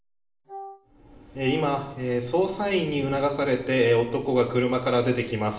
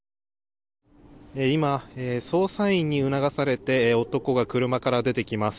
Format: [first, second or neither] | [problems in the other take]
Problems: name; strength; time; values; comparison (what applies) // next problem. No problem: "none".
second | background sound (Wind instrument, woodwind instrument); 17 dB below the speech // room echo; dies away in 0.8 s